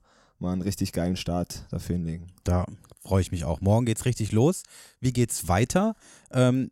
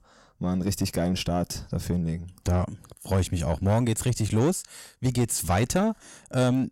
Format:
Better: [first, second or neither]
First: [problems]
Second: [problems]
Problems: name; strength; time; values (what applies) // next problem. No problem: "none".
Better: first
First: none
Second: distortion; slight; 10 dB below the speech